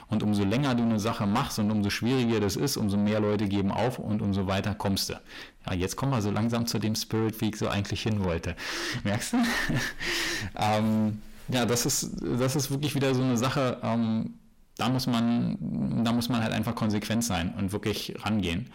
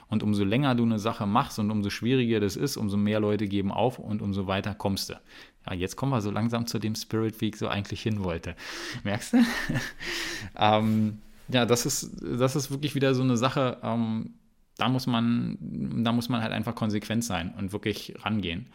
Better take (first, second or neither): second